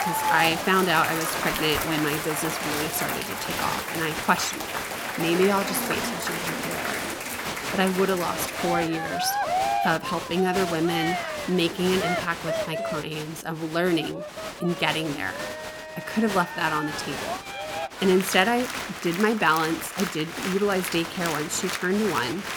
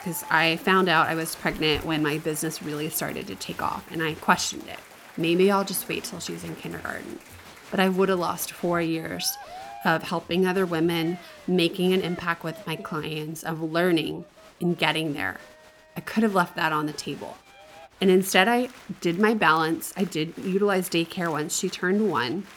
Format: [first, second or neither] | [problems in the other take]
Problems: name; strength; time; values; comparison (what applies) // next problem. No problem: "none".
second | crowd noise; loud; throughout; 3 dB below the speech; faint in the second